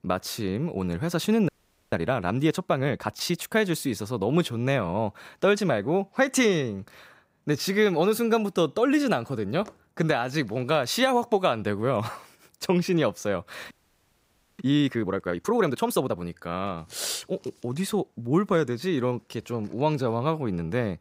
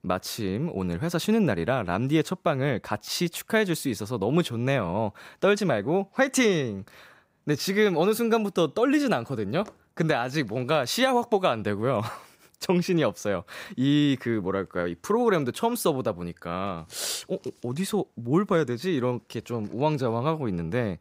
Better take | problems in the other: second | audio freezing; at 1.5 s and at 14 s for 1 s

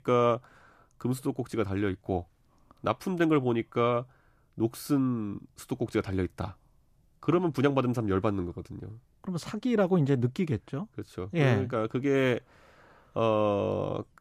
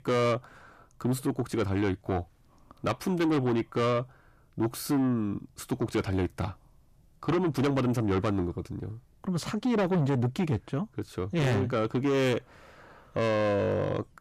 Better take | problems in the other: first | distortion; heavy; 8 dB below the speech

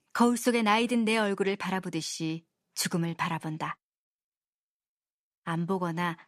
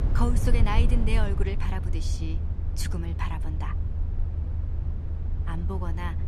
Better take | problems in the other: first | low rumble; loud; throughout; 8 dB below the speech

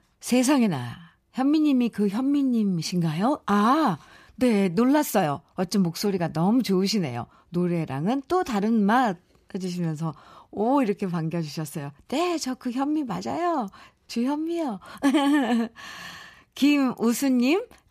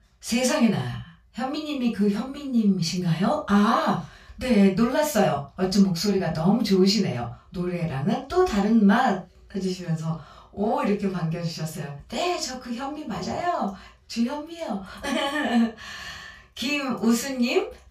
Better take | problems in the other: first | room echo; slight; dies away in 0.2 s // off-mic speech; far

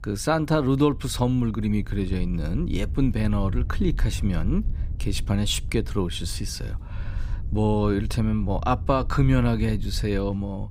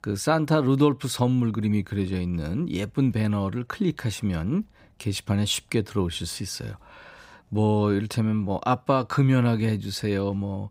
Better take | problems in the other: second | low rumble; faint; throughout; 20 dB below the speech

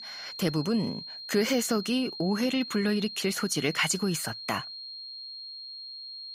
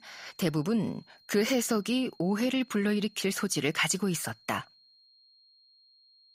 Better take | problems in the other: second | high-pitched whine; loud; throughout; 4 kHz, 10 dB below the speech; faint in the second

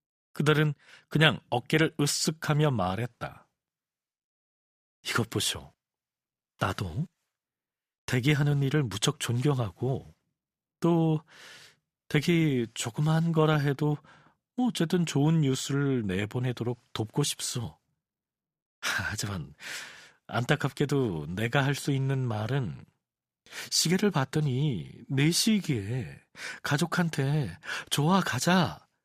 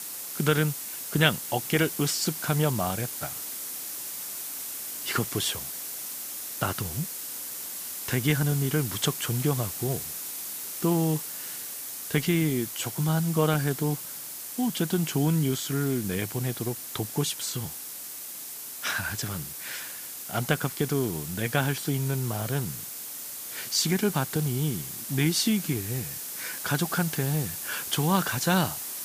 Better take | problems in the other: first | hiss; loud; throughout; 6 dB below the speech

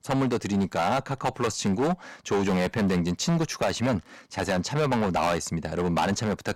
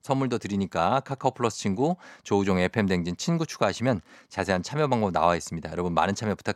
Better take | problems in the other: second | distortion; heavy; 12% of the sound clipped

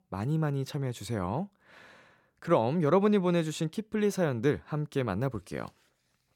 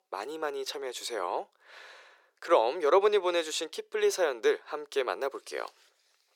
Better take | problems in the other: first | thin; very; fading below 400 Hz

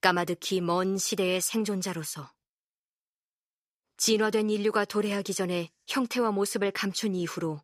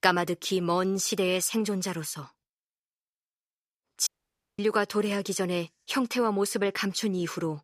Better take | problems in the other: first | audio cutting out; at 4 s for 0.5 s

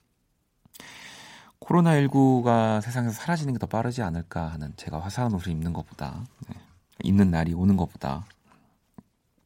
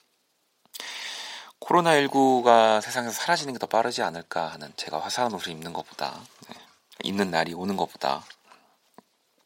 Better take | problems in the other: first | thin; very; fading below 500 Hz

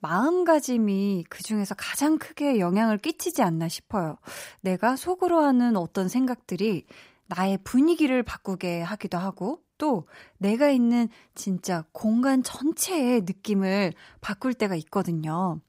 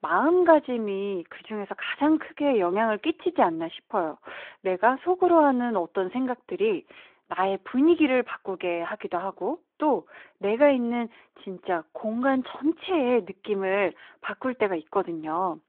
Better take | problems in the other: first | phone-call audio

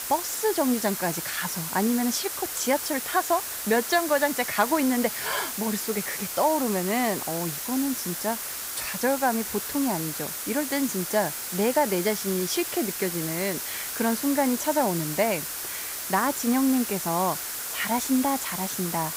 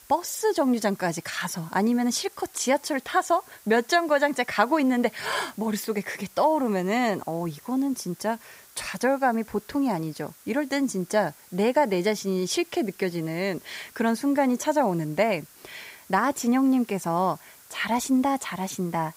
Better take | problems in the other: second | hiss; loud; throughout; 4 dB below the speech; faint in the second

